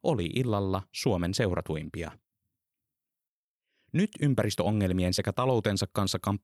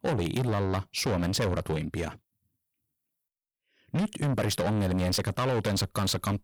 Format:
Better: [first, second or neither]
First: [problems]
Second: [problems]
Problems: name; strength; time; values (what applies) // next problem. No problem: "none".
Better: first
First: none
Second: distortion; heavy; 6 dB below the speech